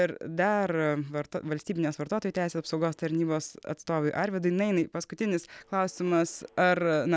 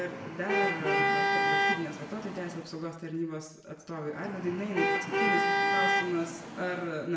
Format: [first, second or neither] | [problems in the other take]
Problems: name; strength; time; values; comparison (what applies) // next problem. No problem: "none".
first | background sound (Traffic noise, roadway noise / Vehicle horn, car horn, honking); 5 dB above the speech // room echo; dies away in 0.7 s